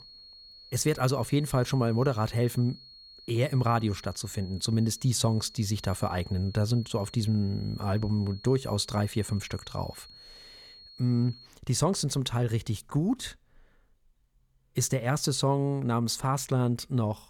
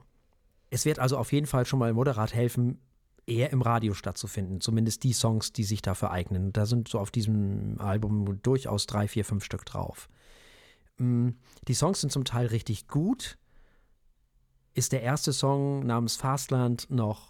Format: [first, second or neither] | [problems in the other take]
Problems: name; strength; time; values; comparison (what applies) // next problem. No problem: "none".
second | high-pitched whine; noticeable; until 11 s; 4.5 kHz, 20 dB below the speech